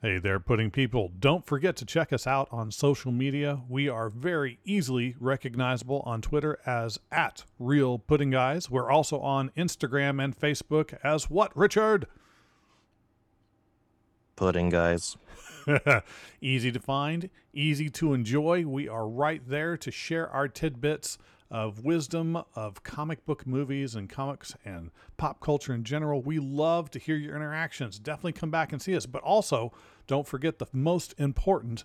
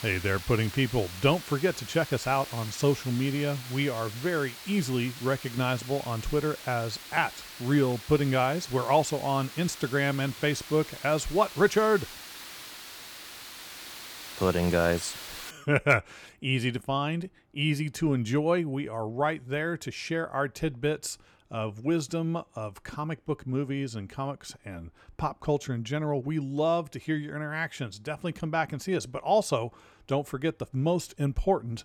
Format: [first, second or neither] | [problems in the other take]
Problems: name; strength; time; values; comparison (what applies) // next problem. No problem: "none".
first | hiss; noticeable; until 16 s; 10 dB below the speech